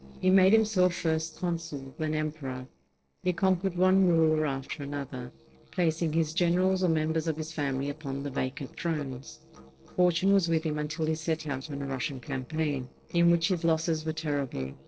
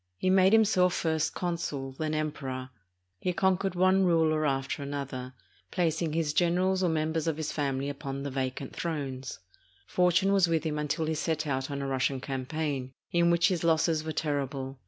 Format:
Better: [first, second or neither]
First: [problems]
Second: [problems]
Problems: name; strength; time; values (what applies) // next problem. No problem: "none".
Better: second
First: noise reduction (neural separator model SepFormer DNS4)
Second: none